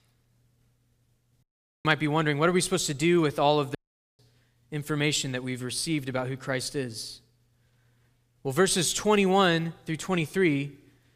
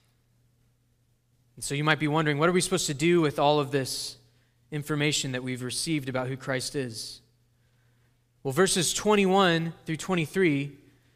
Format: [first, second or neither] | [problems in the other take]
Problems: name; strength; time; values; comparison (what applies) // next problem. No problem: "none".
second | audio cutting out; at 1.5 s and at 4 s